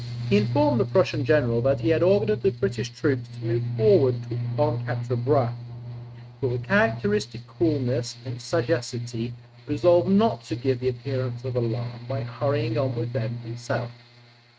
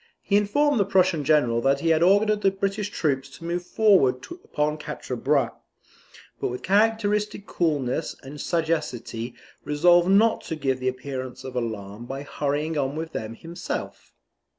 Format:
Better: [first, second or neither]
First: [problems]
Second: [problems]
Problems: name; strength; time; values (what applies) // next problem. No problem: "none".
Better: second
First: noise reduction (neural mask model RNNoise)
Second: none